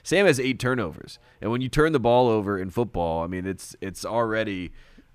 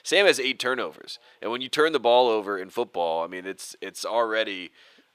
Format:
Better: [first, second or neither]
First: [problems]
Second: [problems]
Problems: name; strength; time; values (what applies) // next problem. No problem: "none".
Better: first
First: none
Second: thin; somewhat; fading below 500 Hz